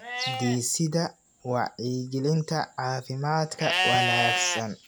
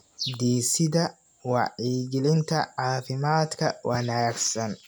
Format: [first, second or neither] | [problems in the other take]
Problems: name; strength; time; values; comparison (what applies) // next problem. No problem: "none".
second | background sound (Livestock, farm animals, working animals); 3 dB below the speech